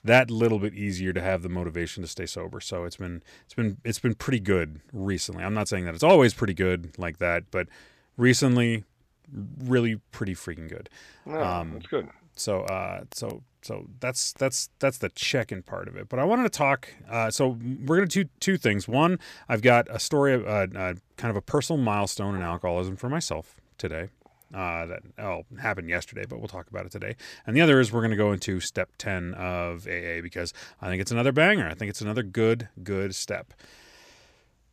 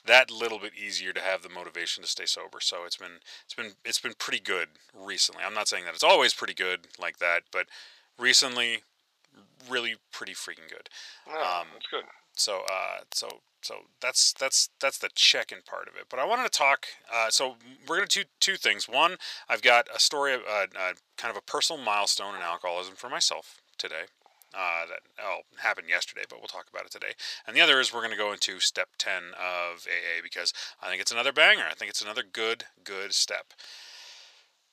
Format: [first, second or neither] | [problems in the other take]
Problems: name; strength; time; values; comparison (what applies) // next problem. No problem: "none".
first | thin; very; fading below 850 Hz